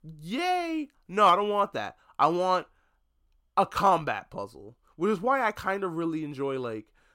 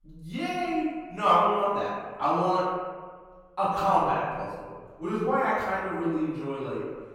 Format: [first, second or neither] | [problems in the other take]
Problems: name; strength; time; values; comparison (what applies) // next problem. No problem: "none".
first | off-mic speech; far // room echo; strong; dies away in 1.4 s